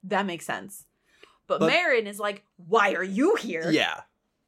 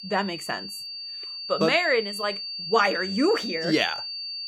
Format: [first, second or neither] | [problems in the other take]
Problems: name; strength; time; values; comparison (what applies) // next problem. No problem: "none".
first | high-pitched whine; loud; throughout; 4.5 kHz, 7 dB below the speech